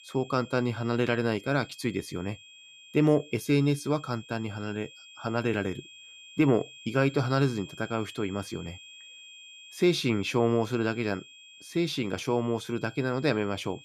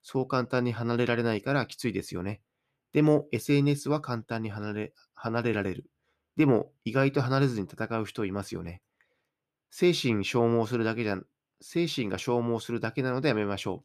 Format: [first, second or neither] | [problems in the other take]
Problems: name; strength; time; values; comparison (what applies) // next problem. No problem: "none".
second | high-pitched whine; noticeable; throughout; 3 kHz, 20 dB below the speech